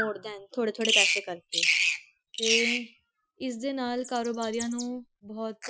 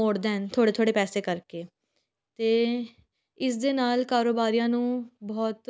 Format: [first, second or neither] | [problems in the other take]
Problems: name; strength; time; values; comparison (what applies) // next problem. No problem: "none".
second | noise reduction (classical method Wiener filter)